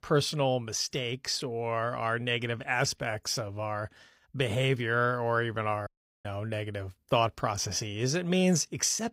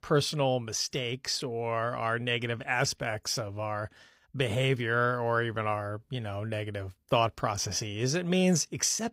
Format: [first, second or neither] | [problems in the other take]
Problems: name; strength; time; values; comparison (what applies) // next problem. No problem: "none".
second | audio cutting out; at 6 s